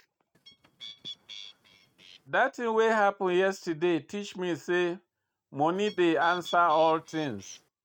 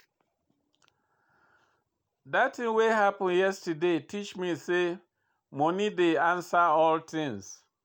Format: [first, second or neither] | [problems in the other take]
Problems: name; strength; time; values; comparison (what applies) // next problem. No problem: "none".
second | noise reduction (neural mask model RNNoise)